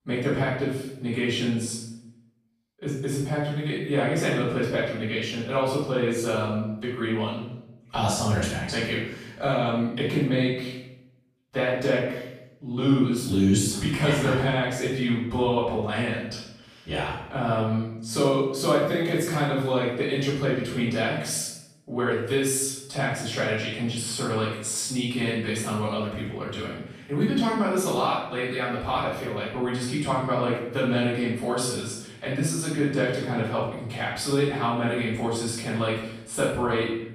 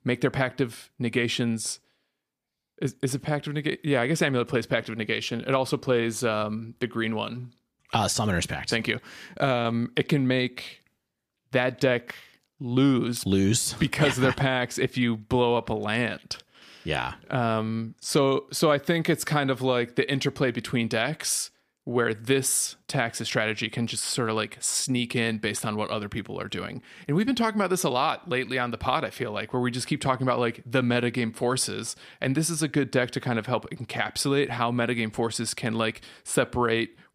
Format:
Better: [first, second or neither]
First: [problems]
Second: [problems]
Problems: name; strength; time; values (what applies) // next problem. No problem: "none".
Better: second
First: off-mic speech; far // room echo; noticeable; dies away in 0.7 s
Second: none